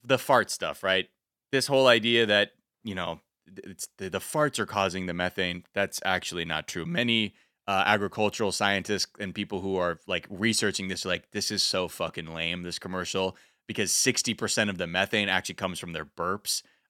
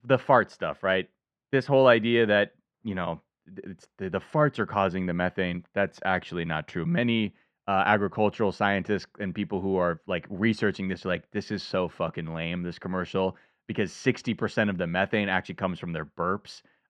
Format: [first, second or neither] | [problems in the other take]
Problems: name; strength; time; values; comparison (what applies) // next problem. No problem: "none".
first | muffled; very; fading above 2 kHz